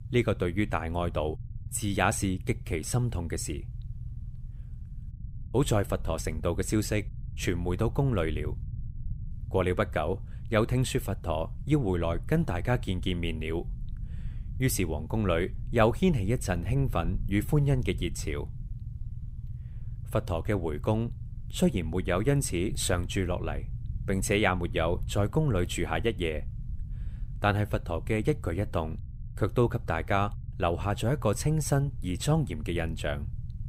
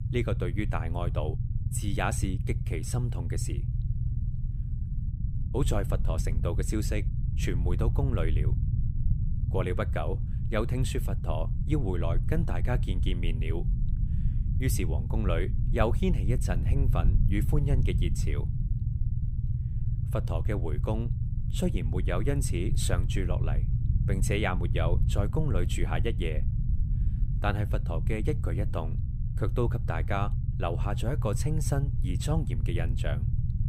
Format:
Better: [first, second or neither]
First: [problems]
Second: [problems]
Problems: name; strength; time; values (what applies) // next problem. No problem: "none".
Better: first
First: low rumble; faint; throughout; 25 dB below the speech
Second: low rumble; loud; throughout; 9 dB below the speech